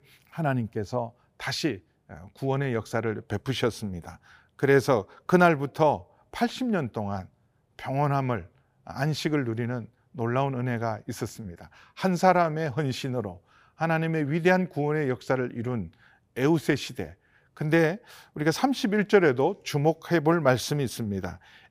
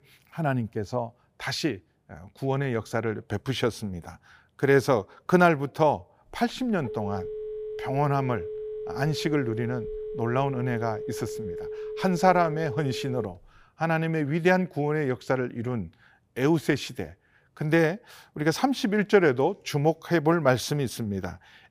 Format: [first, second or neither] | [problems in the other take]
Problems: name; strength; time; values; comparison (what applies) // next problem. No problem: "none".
first | phone ringing; noticeable; from 6.5 to 14 s; peak 9 dB below the speech